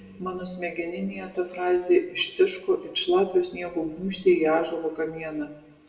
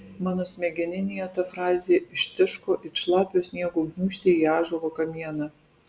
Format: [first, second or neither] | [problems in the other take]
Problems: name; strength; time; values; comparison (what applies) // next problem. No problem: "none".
second | room echo; dies away in 0.7 s